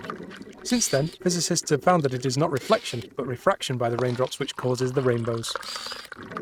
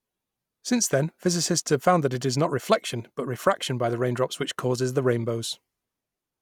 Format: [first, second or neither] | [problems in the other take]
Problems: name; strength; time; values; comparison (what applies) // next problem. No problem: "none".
second | noise reduction (neural mask model RNNoise)